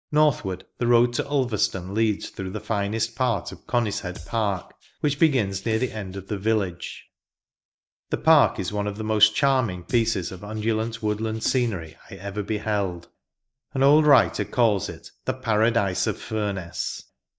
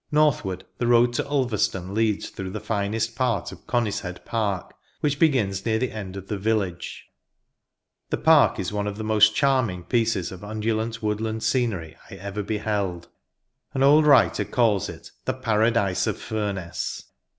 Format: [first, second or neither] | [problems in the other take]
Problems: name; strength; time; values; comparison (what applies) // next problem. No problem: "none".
second | noise reduction (neural mask model DeepFilterNet 3)